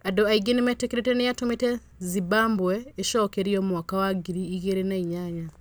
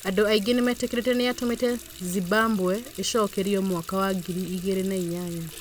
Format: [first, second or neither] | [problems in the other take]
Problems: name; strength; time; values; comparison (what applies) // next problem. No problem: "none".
first | background sound (Water tap, faucet); 18 dB below the speech